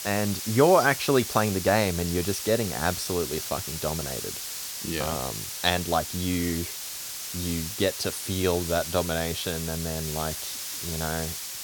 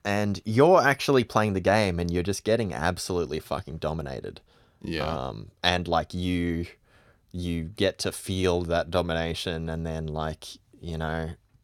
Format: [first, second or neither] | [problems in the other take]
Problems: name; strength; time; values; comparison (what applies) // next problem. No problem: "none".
second | hiss; loud; throughout; 5 dB below the speech